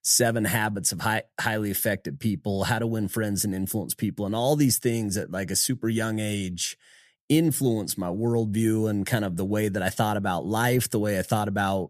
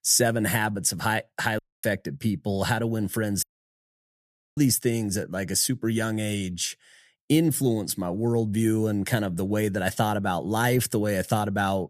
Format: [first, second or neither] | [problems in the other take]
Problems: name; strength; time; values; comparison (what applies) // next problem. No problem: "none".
first | audio cutting out; at 1.5 s and at 3.5 s for 1 s